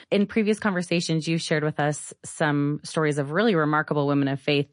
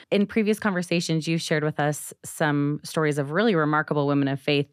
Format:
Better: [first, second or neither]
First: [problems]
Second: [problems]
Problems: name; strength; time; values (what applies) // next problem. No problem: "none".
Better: second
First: garbled, watery; slightly; nothing above 10.5 kHz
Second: none